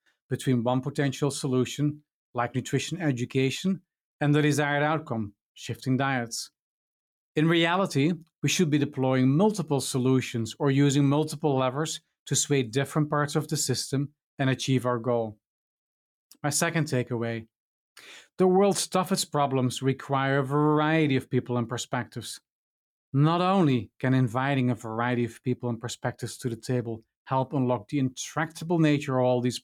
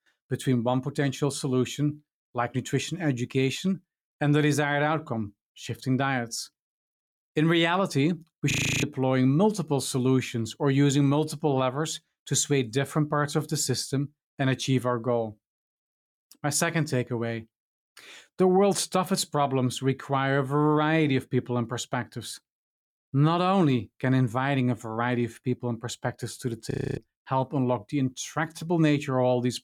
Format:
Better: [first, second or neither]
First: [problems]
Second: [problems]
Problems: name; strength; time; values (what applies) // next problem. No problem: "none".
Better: first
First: none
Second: audio freezing; at 8.5 s and at 27 s